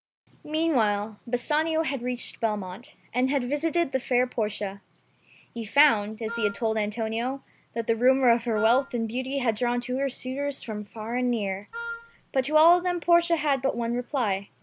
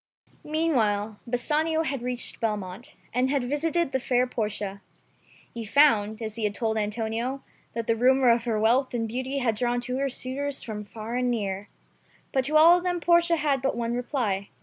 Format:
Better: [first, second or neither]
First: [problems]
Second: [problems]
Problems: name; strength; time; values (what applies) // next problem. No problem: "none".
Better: second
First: background sound (Wind instrument, woodwind instrument); 11 dB below the speech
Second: none